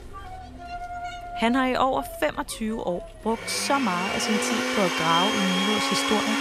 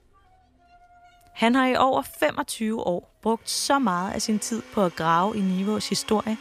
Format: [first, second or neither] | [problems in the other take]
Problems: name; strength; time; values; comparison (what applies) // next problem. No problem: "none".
second | household noises; loud; throughout; as loud as the speech; faint in the second